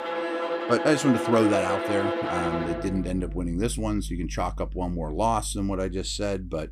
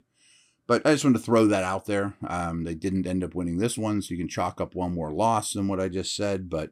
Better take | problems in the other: second | background music; loud; throughout; 4 dB below the speech

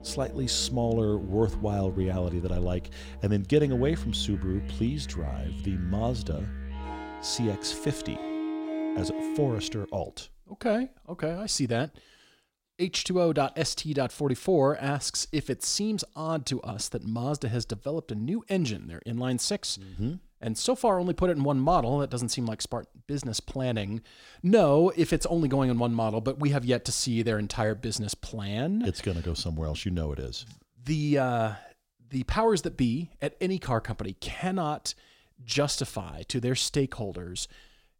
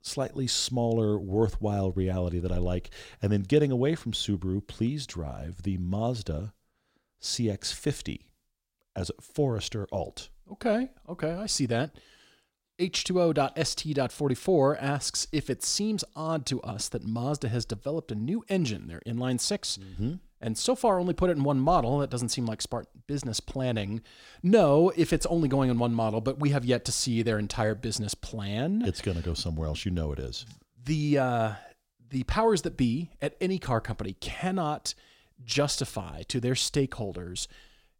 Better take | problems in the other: second | background music; loud; until 9.5 s; 9 dB below the speech

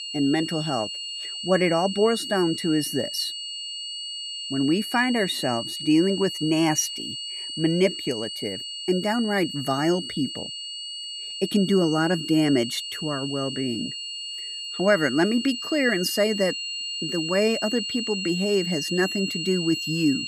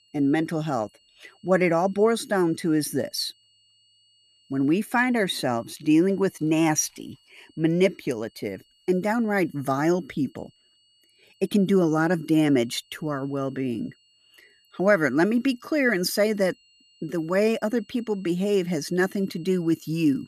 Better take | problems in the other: second | high-pitched whine; loud; throughout; 3 kHz, 6 dB below the speech; faint in the second

